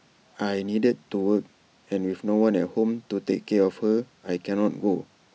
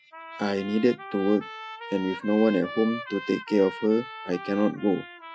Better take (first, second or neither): first